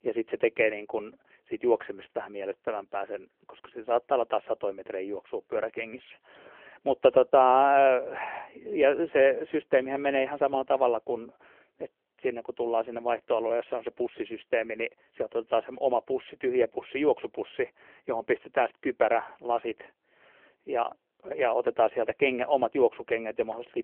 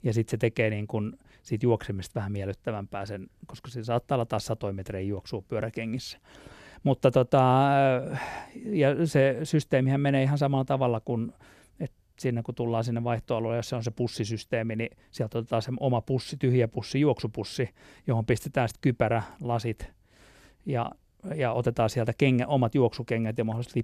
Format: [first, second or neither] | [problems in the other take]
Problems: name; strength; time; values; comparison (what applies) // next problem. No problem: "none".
second | phone-call audio; poor line